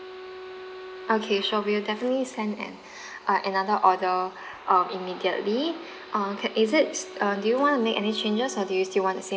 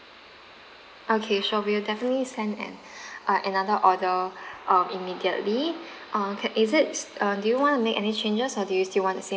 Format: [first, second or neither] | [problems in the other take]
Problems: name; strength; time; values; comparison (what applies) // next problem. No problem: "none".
second | background sound (Wind instrument, woodwind instrument); 18 dB below the speech